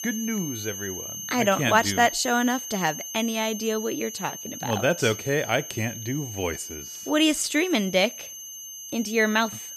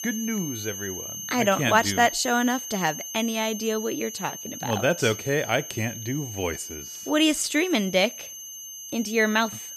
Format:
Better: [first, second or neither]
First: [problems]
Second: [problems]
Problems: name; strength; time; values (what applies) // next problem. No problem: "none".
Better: neither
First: high-pitched whine; loud; throughout; 6.5 kHz, 9 dB below the speech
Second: high-pitched whine; loud; throughout; 6.5 kHz, 9 dB below the speech